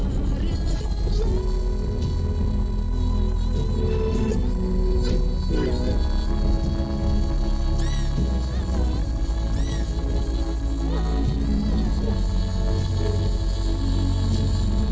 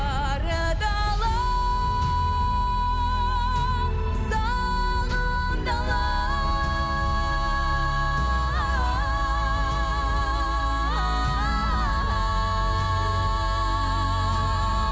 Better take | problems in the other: second | noise reduction (neural separator model SepFormer DNS4)

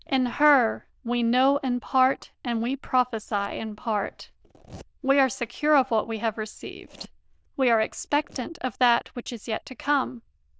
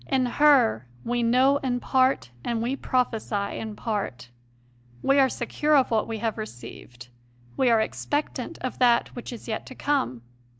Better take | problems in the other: second | noise reduction (neural diffusion model UNIVERSE++)

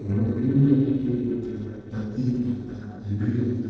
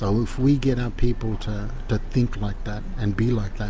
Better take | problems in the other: second | noise reduction (neural separator model SepFormer DNS4)

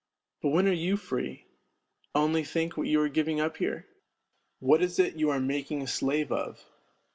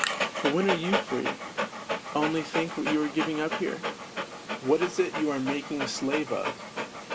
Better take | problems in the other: first | background sound (Dog); 3 dB below the speech

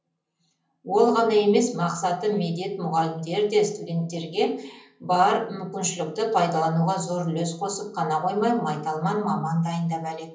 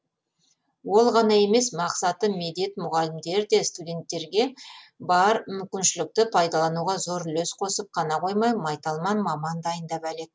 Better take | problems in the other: second | room echo; dies away in 0.6 s

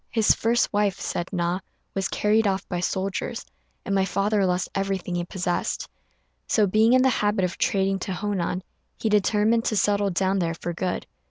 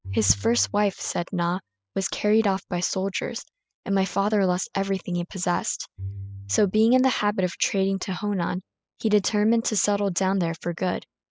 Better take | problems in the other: first | noise reduction (classical method spectral subtraction)

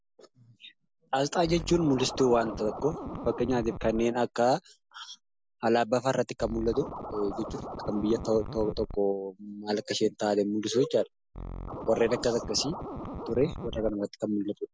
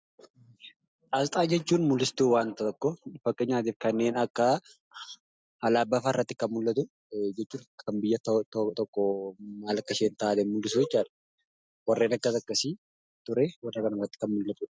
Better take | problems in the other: second | background sound (Scratching (performance technique)); 11 dB below the speech

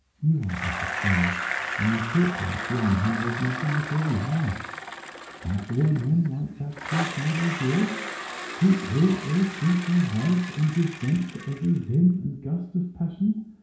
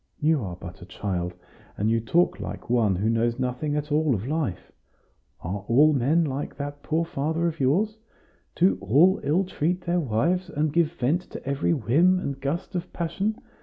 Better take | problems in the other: second | background sound (Bicycle); 9 dB below the speech // room echo; dies away in 0.6 s

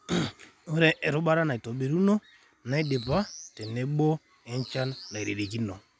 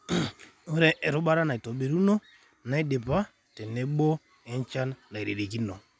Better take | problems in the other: second | background sound (Bird); 17 dB below the speech

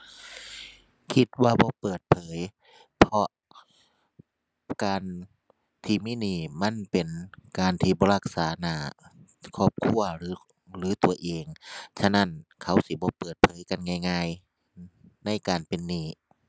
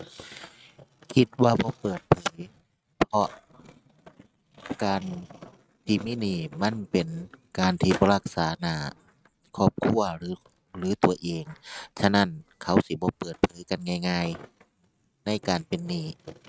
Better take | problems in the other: first | noise reduction (neural mask model RNNoise)

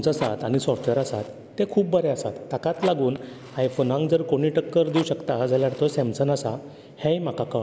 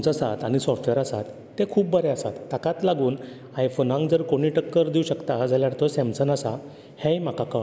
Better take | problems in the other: second | background sound (Fire); 19 dB below the speech

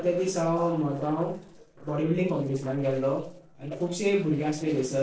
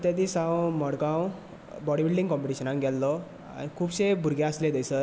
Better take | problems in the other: second | noise reduction (neural separator model SepFormer DNS4)

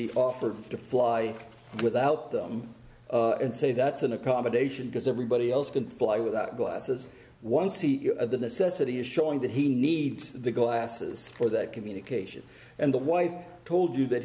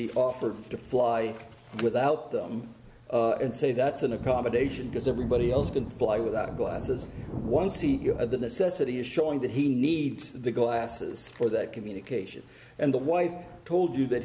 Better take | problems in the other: first | background sound (Thunder); 13 dB below the speech

